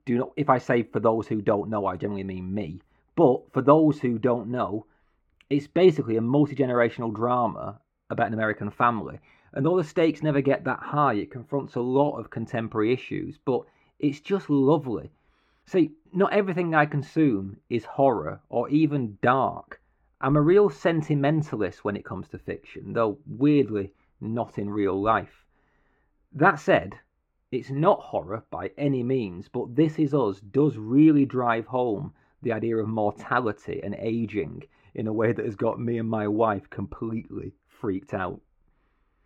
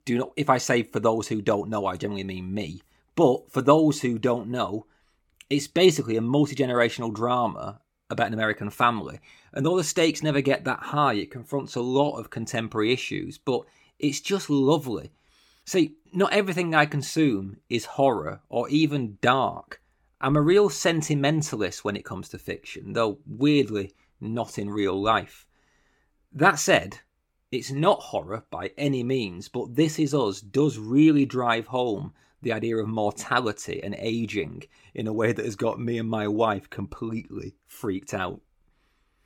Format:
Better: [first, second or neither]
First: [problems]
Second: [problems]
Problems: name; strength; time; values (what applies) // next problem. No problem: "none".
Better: second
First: muffled; very; fading above 3.5 kHz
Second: none